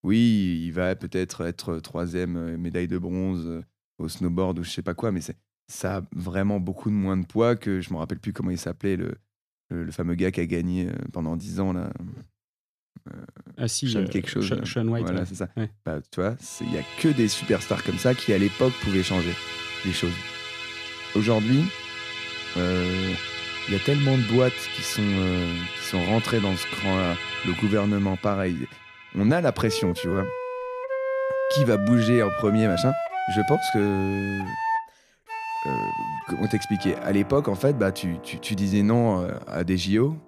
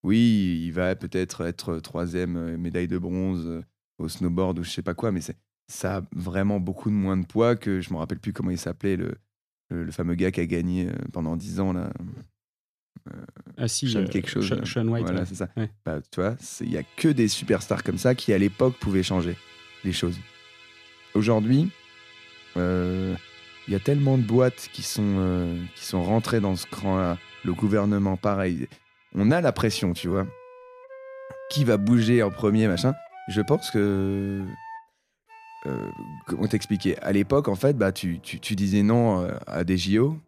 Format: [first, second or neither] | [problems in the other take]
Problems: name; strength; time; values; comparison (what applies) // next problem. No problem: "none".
second | background music; loud; from 17 s on; 5 dB below the speech; faint in the second